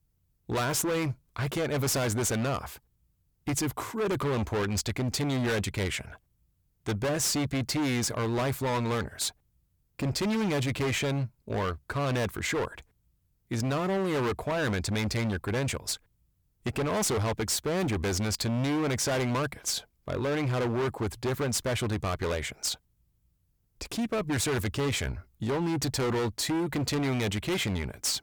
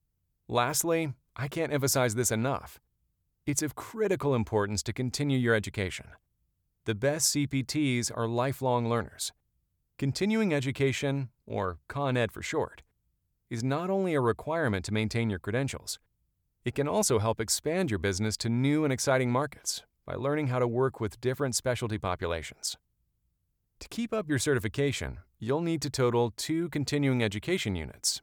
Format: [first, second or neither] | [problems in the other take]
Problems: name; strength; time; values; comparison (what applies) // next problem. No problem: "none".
second | distortion; heavy; 27% of the sound clipped